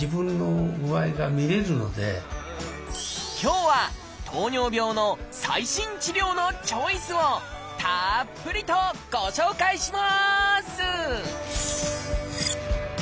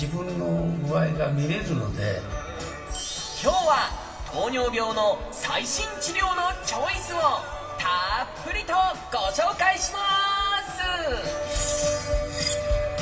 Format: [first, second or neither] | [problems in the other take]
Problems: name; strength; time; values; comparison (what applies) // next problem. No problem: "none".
first | room echo; dies away in 2.3 s